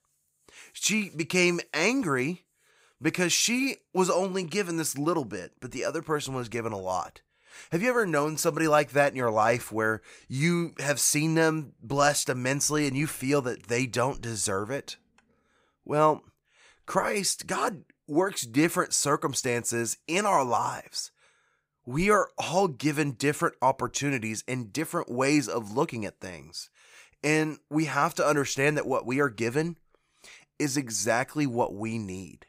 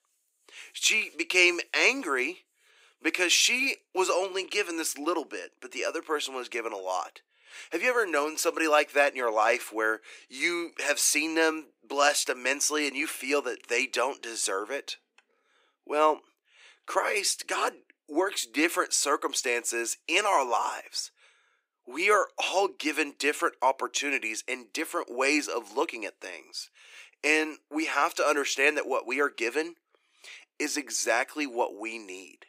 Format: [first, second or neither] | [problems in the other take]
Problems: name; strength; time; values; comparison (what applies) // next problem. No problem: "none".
first | thin; somewhat; fading below 300 Hz